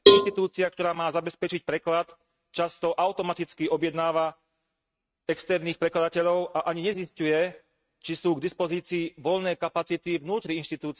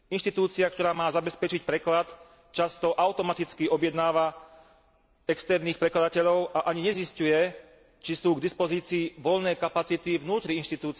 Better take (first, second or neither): second